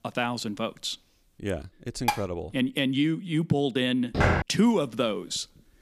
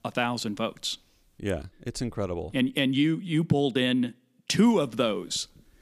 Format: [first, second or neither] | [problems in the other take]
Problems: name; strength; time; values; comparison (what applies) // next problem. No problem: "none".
second | clattering dishes; noticeable; at 2 s; peak 2 dB below the speech // footsteps; loud; at 4 s; peak 4 dB above the speech